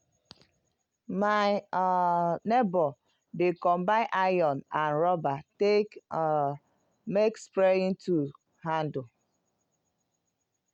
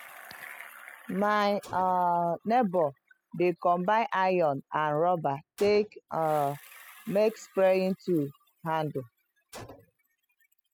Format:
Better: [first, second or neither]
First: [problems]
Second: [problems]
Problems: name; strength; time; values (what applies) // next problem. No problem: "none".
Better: first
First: none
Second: noise reduction (classical method spectral subtraction)